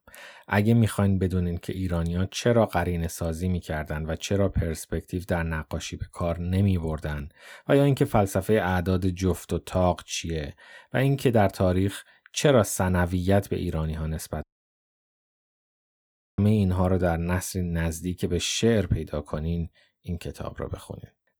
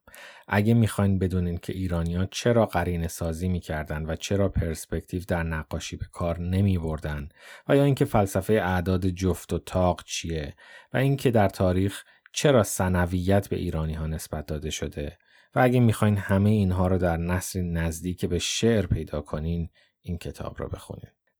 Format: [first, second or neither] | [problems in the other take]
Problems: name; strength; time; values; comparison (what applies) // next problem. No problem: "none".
second | audio cutting out; at 14 s for 2 s